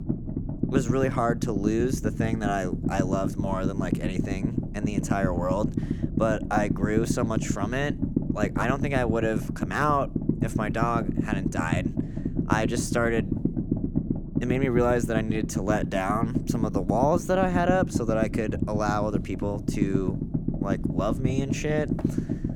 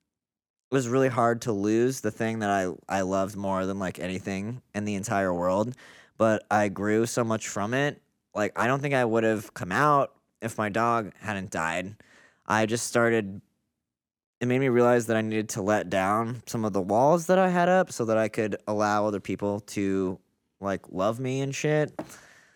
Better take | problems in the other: second | low rumble; loud; throughout; 7 dB below the speech

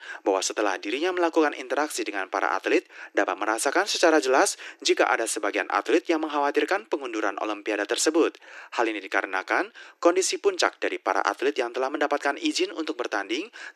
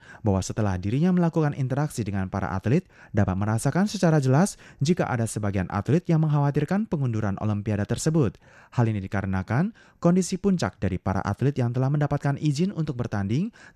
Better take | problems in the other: second | thin; very; fading below 300 Hz

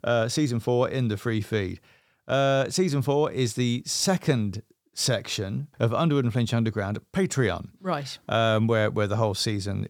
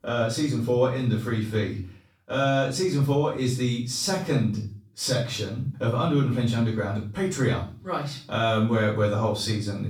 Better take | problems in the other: first | off-mic speech; far // room echo; slight; dies away in 0.4 s

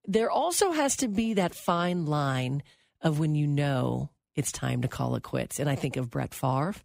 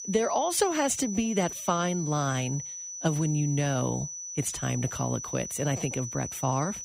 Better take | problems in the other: first | high-pitched whine; loud; throughout; 6 kHz, 7 dB below the speech

